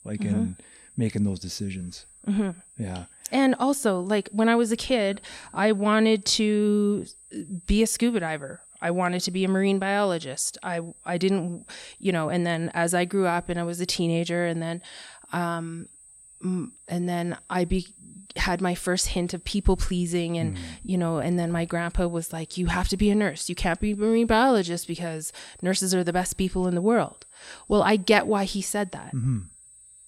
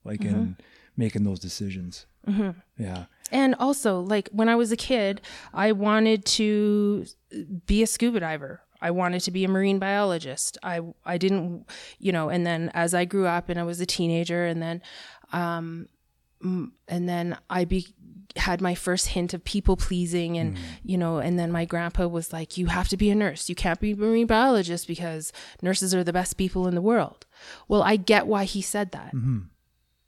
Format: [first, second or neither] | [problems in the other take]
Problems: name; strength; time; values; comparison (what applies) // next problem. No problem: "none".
second | high-pitched whine; faint; throughout; 8.5 kHz, 25 dB below the speech